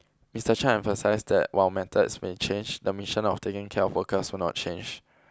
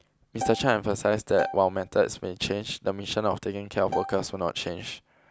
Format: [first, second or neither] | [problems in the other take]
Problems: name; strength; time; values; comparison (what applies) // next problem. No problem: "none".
first | background sound (Bowed string instrument); 10 dB below the speech